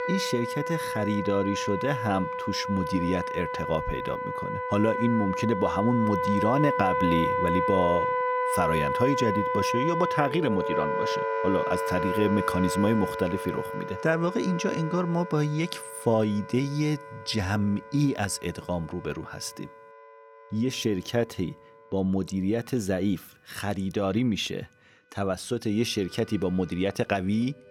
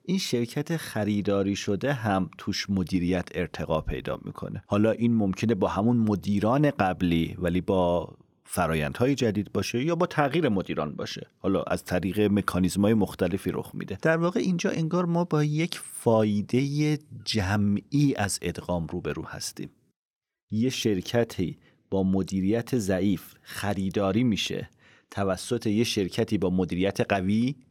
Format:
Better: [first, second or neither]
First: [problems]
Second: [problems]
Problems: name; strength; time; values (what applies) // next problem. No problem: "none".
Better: second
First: background music; loud; throughout; 2 dB below the speech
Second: none